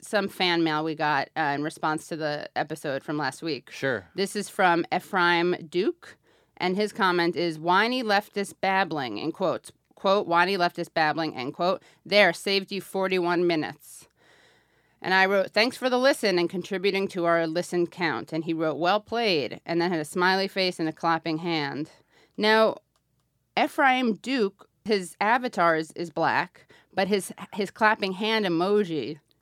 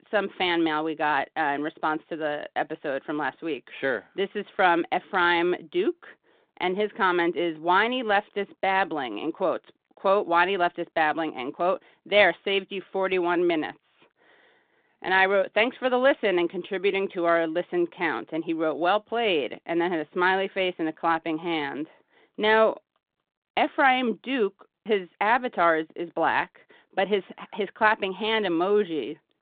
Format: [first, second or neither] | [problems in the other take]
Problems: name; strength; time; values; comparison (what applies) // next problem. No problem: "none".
first | phone-call audio; nothing above 3.5 kHz